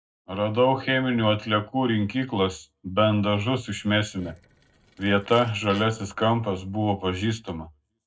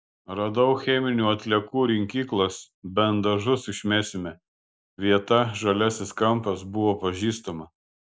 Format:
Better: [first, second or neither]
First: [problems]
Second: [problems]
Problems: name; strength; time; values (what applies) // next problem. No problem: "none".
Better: second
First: noise reduction (neural separator model SepFormer DNS4)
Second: none